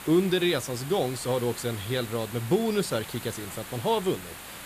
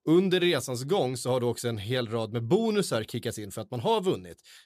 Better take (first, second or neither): second